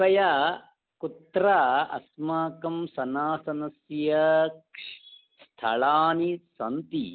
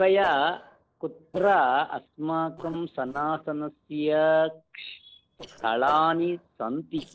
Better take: first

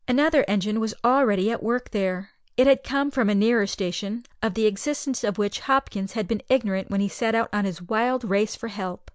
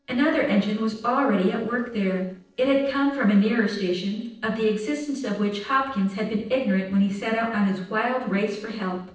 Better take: first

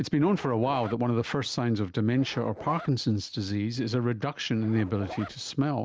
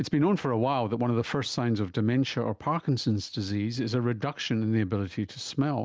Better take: second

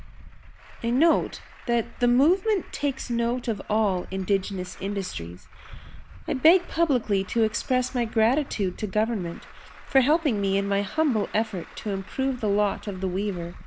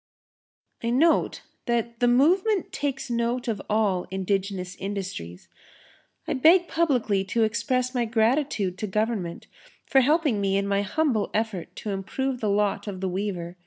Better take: second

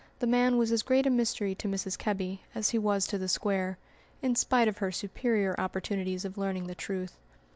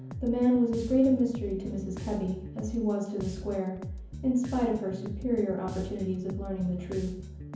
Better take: first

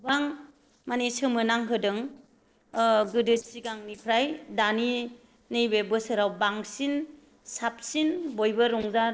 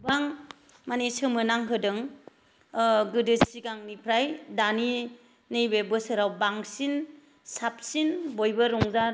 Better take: second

